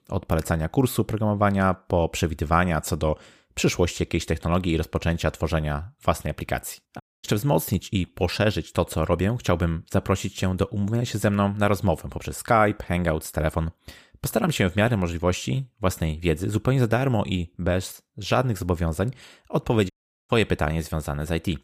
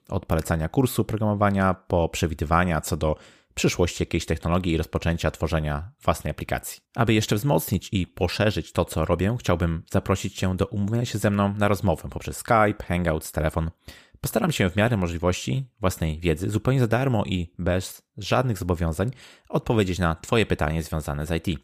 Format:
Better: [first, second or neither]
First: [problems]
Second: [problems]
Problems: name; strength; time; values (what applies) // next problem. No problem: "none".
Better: second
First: audio cutting out; at 7 s and at 20 s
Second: none